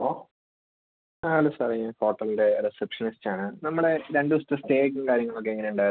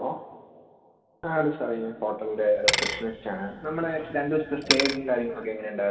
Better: first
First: none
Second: background sound (Bicycle); 3 dB below the speech // room echo; dies away in 2.2 s

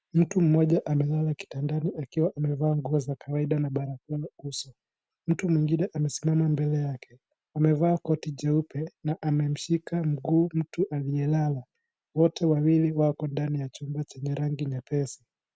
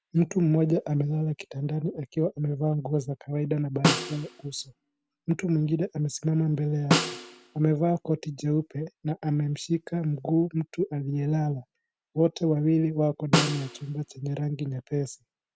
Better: first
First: none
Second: background sound (Snare drum); 3 dB below the speech

